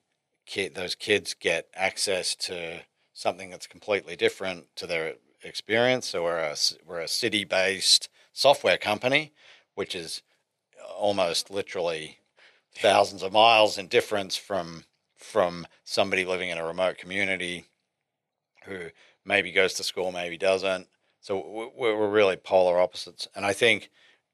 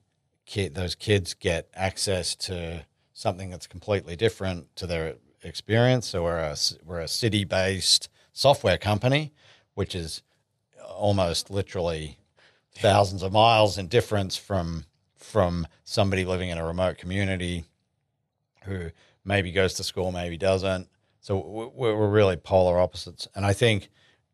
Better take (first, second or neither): second